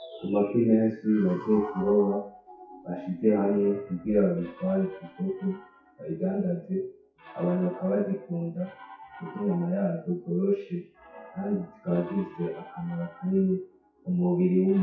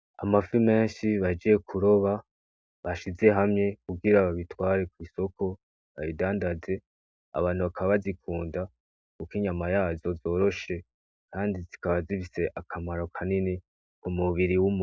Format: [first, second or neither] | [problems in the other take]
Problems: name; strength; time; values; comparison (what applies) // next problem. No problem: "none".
second | noise reduction (classical method WPE with log-MMSE)